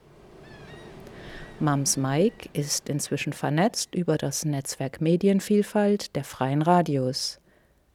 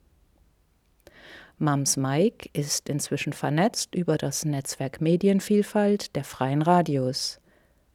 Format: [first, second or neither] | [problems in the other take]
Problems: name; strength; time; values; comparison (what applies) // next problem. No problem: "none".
second | rain or running water; faint; throughout; 20 dB below the speech